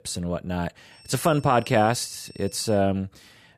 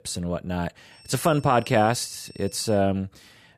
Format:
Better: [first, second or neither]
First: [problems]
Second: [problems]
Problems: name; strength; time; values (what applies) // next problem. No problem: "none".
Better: neither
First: high-pitched whine; faint; from 1 to 3 s; 5.5 kHz, 25 dB below the speech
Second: high-pitched whine; faint; from 1 to 3 s; 5.5 kHz, 25 dB below the speech